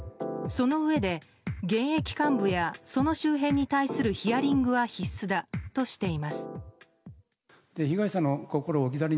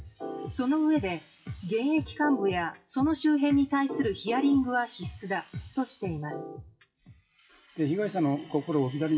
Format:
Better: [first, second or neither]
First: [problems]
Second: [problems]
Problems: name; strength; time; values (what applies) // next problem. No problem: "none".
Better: first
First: none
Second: noise reduction (classical method WPE with log-MMSE)